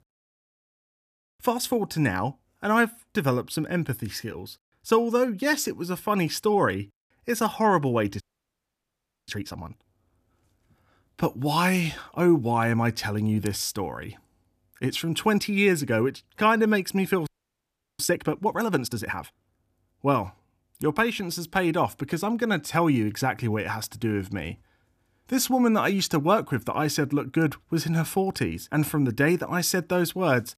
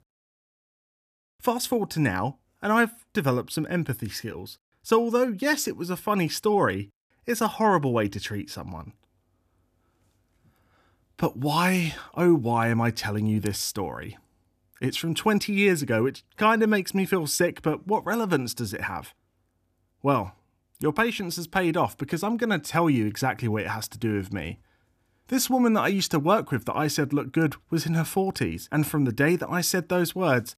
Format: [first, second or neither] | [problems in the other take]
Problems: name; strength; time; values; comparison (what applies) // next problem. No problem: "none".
second | audio freezing; at 8 s for 1 s and at 17 s for 0.5 s